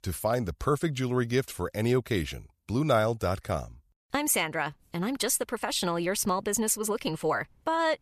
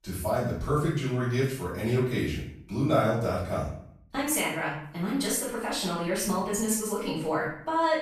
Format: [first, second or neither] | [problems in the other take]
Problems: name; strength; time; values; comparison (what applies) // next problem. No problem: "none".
first | off-mic speech; far // room echo; noticeable; dies away in 0.6 s